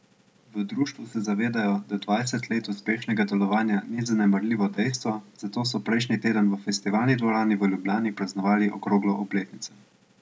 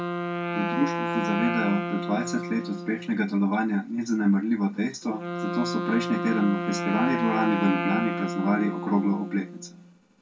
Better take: first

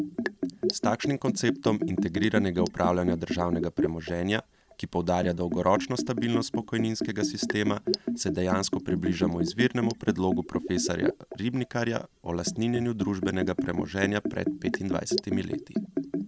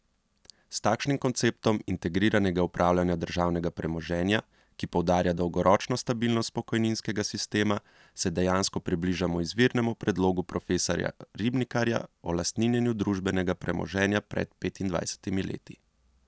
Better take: second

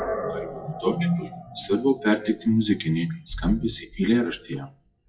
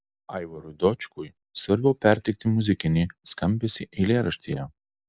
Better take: second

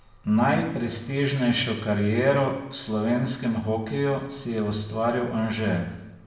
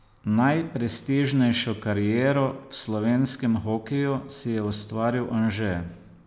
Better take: second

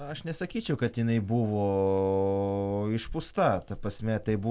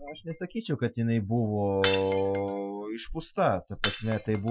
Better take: first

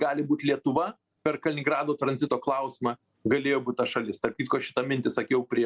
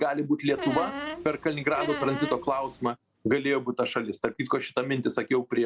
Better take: first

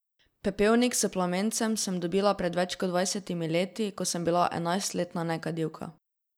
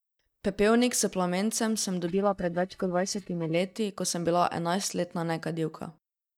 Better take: first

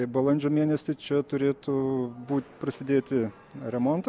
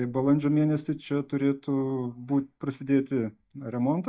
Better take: first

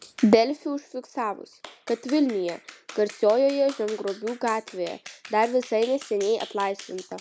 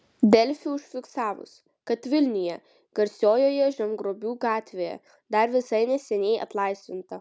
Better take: second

